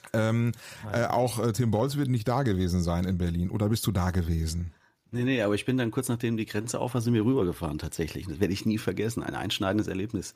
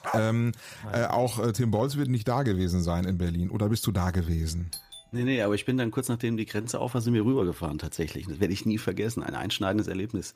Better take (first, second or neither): first